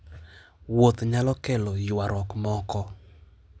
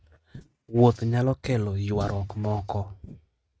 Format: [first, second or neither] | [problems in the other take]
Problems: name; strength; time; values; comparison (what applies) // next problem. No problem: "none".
first | noise reduction (neural mask model RNNoise)